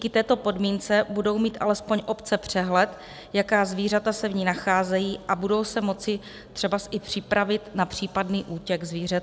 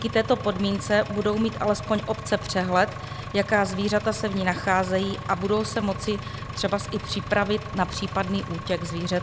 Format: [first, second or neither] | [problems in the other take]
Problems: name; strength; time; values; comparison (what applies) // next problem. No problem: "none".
first | background sound (Engine); 9 dB below the speech